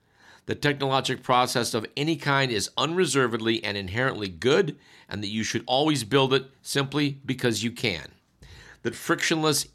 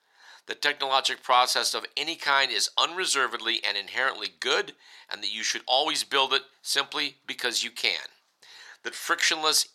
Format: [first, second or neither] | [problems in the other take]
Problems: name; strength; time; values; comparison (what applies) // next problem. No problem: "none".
first | thin; very; fading below 800 Hz